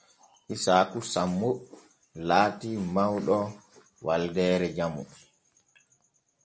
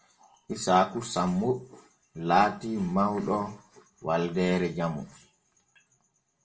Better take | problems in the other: first | room echo; dies away in 0.2 s

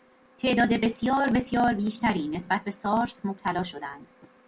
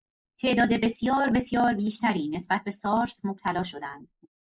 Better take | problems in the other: first | noise reduction (neural mask model Resemble Enhance denoiser)

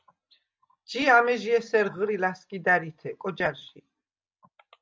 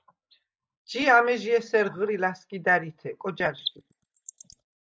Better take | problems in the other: first | noise reduction (neural mask model Resemble Enhance denoiser)

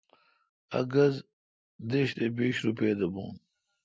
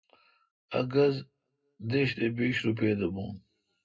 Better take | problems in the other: first | room echo; dies away in 0.2 s

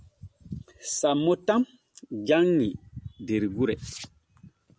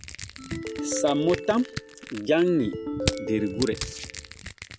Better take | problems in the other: first | background sound (Ringtone + Crushing); 6 dB below the speech

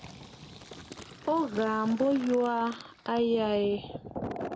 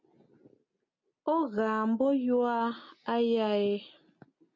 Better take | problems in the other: second | background sound (Fill (with liquid)); 12 dB below the speech

